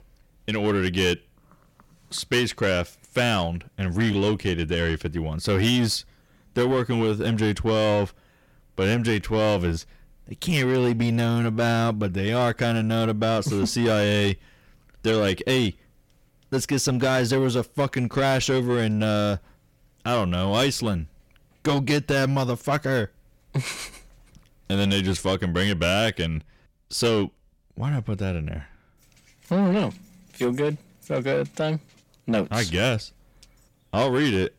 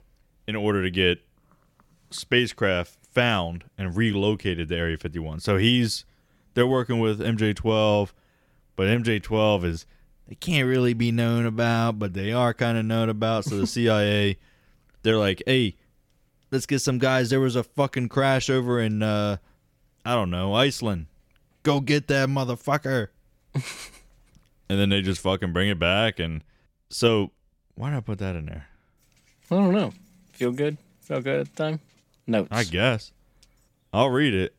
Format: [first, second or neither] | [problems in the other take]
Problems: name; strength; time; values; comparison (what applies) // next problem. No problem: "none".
second | distortion; slight; 10 dB below the speech